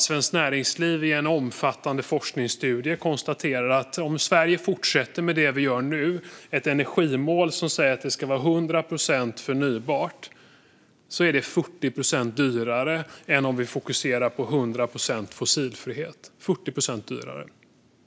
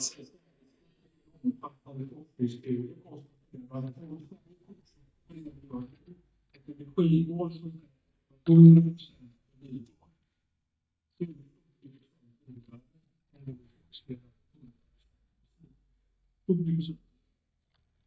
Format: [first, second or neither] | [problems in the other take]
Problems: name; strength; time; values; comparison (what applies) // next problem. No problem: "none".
first | noise reduction (neural mask model DeepFilterNet 3)